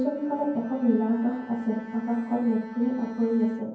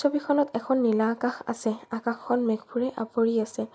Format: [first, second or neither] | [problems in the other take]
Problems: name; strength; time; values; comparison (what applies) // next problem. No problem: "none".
second | background sound (Bowed string instrument); 18 dB below the speech // room echo; dies away in 0.9 s